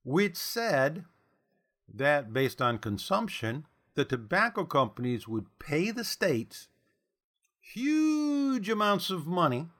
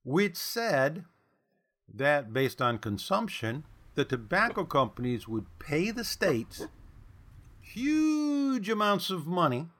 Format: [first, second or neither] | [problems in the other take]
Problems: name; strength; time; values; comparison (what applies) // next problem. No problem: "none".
first | dog barking; faint; from 4.5 to 7.5 s; peak 10 dB below the speech